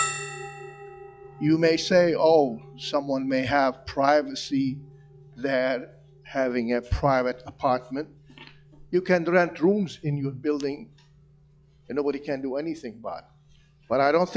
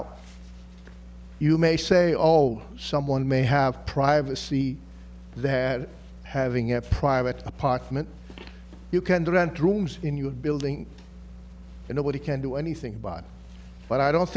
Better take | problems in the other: second | noise reduction (classical method log-MMSE)

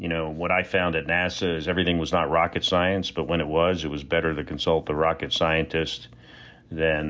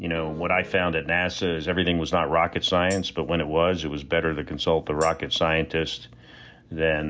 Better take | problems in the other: first | background sound (Tambourine + Keyboard (musical)); 19 dB below the speech

